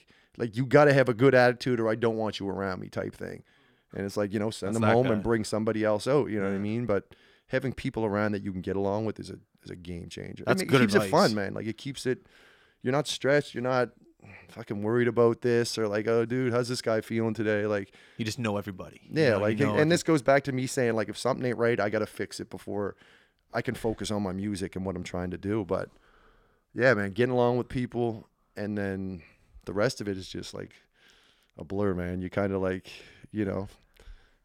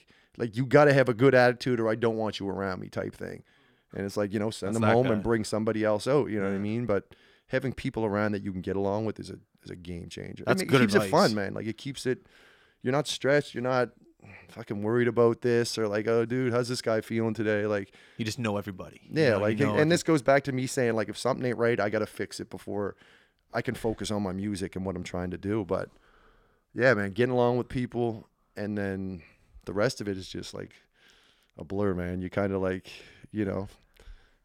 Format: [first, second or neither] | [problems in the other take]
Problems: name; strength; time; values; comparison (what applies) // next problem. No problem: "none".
neither | none